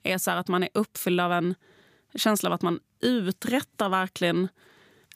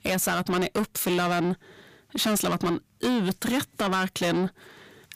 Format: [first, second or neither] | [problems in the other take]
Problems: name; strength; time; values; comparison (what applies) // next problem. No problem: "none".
first | distortion; heavy; 7 dB below the speech